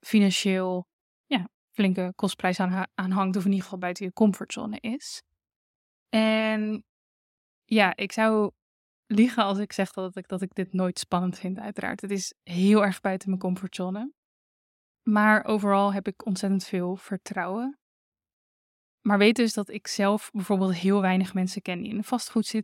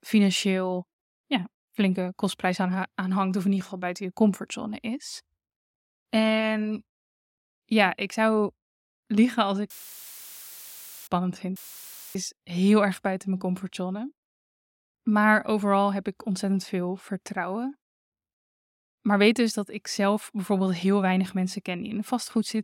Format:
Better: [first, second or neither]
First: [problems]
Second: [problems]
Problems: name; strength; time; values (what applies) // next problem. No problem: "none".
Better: first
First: none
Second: audio cutting out; filled with static; at 9.5 s for 1.5 s and at 12 s for 0.5 s